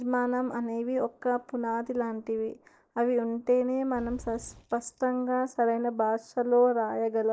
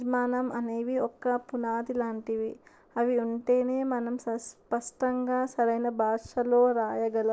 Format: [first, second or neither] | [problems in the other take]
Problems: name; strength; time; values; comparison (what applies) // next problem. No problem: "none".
second | noise reduction (neural mask model DeepFilterNet 3)